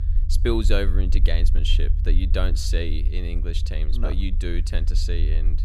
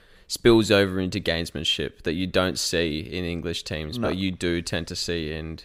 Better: second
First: low rumble; noticeable; throughout; 15 dB below the speech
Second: none

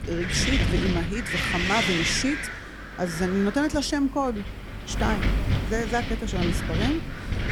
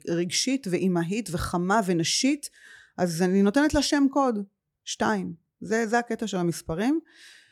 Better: second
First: wind noise on the microphone; heavy; as loud as the speech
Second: none

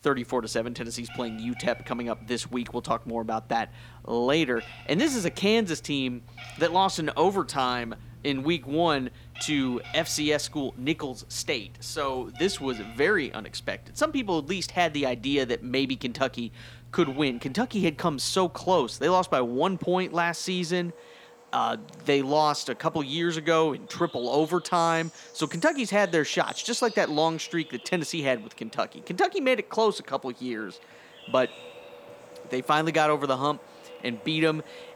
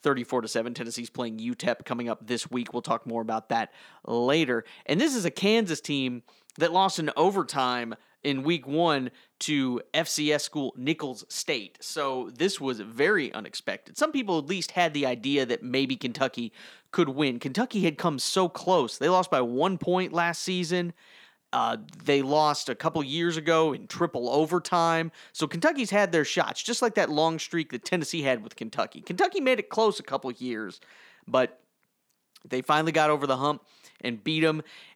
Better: second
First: animal sounds; noticeable; throughout; 20 dB below the speech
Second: none

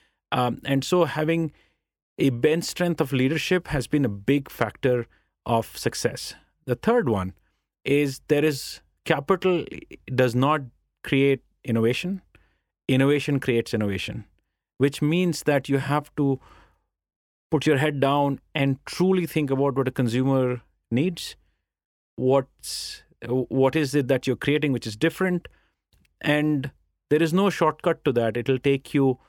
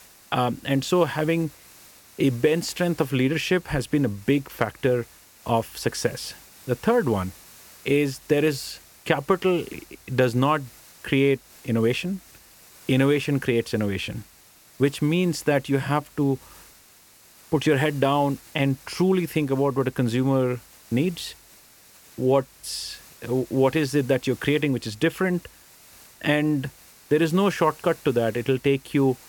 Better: first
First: none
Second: hiss; faint; throughout; 25 dB below the speech

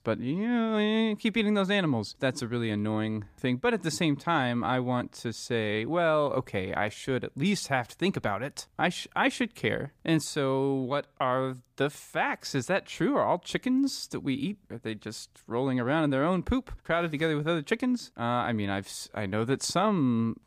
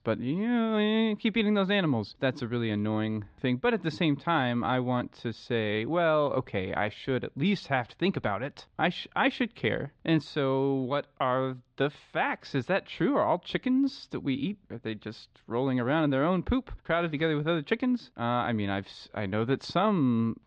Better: first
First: none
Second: muffled; slightly; fading above 4 kHz

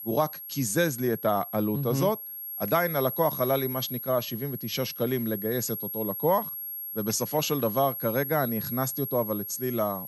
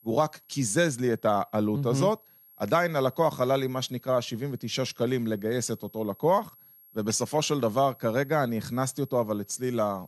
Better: second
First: high-pitched whine; loud; throughout; 11.5 kHz, 6 dB below the speech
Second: high-pitched whine; faint; throughout; 11.5 kHz, 25 dB below the speech

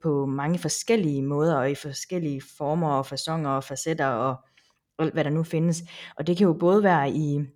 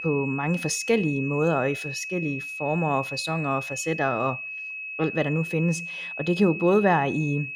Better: first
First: none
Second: high-pitched whine; loud; throughout; 2.5 kHz, 7 dB below the speech

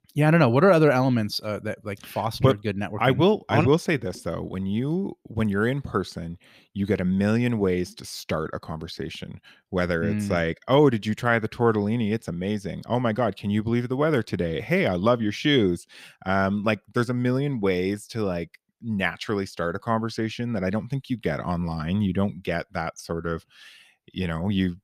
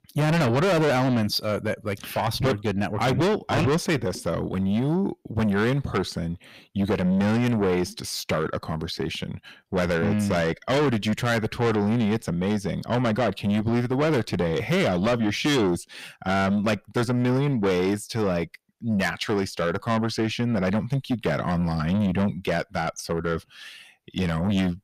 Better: first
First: none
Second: distortion; heavy; 6 dB below the speech

